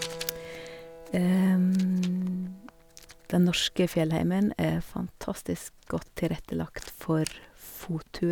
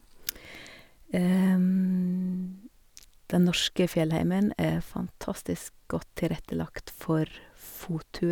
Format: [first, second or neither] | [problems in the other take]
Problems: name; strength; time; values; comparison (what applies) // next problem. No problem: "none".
second | background sound (Writing + Keyboard (musical)); 18 dB below the speech